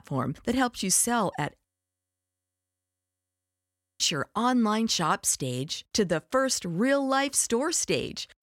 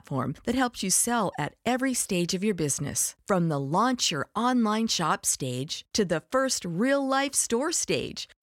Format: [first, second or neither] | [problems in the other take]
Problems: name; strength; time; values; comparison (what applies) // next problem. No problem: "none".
second | audio freezing; at 1.5 s for 2.5 s